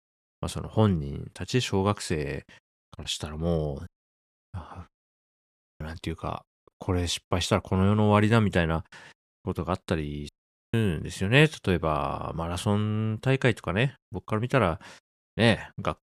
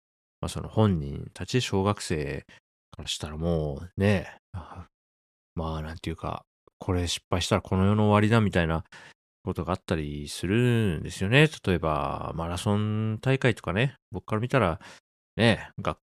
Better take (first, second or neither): second